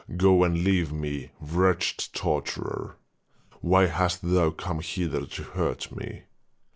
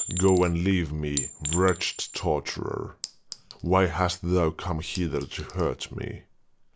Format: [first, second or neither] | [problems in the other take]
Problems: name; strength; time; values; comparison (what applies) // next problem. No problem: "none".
first | background sound (Chink, clink); 12 dB below the speech